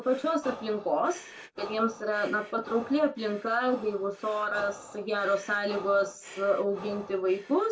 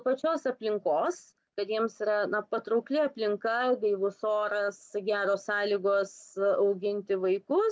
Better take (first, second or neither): second